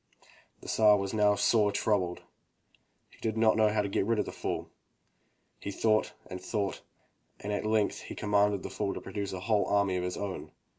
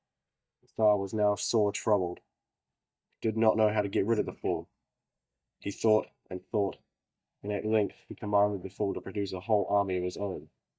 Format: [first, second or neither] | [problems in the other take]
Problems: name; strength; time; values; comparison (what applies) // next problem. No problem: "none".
first | noise reduction (neural mask model DeepFilterNet 3)